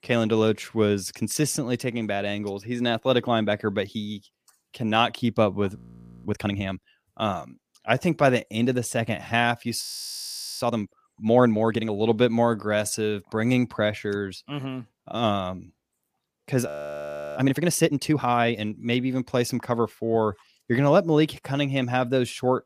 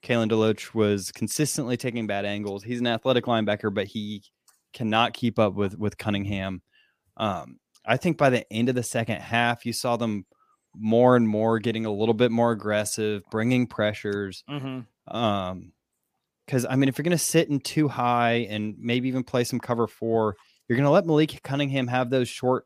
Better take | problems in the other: second | audio freezing; at 6 s, at 10 s for 1 s and at 17 s for 0.5 s

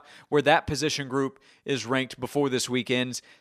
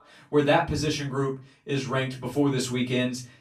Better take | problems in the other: first | off-mic speech; far // room echo; slight; dies away in 0.3 s

